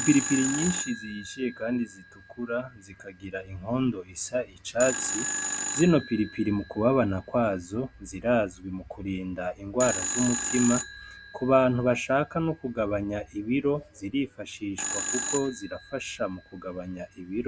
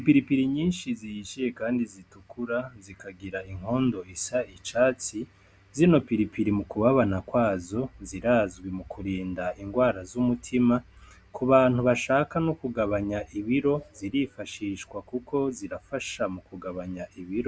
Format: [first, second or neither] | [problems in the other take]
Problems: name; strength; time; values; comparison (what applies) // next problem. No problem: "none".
second | background sound (Telephone); 8 dB below the speech